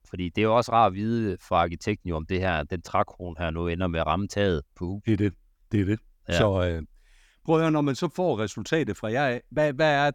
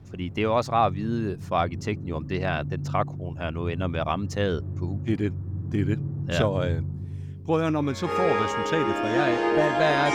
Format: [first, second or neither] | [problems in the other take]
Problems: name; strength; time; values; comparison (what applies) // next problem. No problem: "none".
first | background music; loud; throughout; 2 dB below the speech